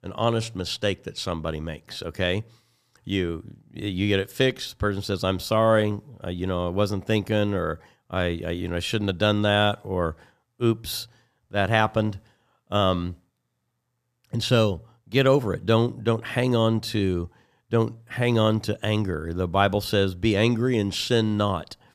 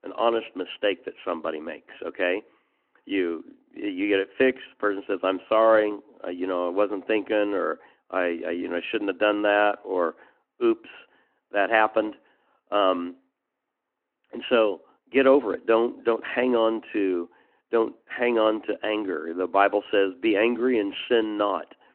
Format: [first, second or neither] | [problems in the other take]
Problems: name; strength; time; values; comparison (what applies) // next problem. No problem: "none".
first | phone-call audio